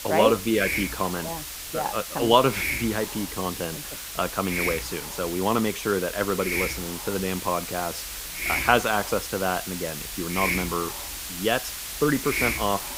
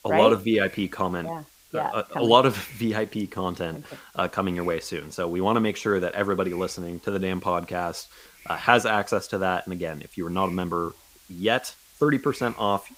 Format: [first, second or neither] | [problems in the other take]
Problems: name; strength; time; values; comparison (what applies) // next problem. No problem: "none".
second | hiss; loud; throughout; 4 dB below the speech; faint in the second